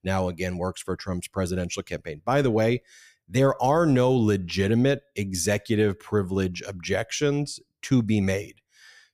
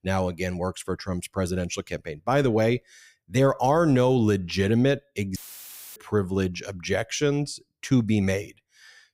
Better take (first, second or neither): first